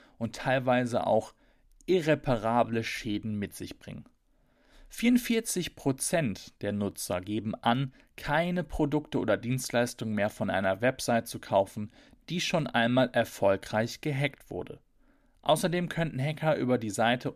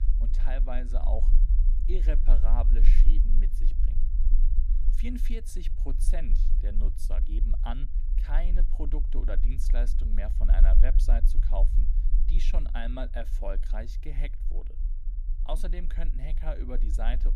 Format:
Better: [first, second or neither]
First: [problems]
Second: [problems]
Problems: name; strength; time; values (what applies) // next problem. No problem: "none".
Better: first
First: none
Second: low rumble; noticeable; throughout; 10 dB below the speech